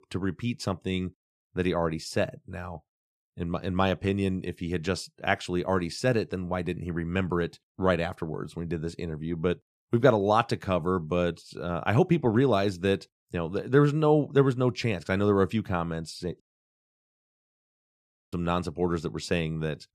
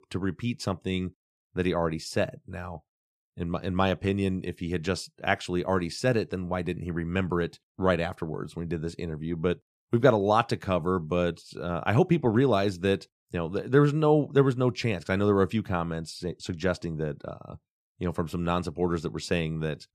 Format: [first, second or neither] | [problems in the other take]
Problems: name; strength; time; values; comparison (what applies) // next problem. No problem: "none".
second | audio cutting out; at 16 s for 2 s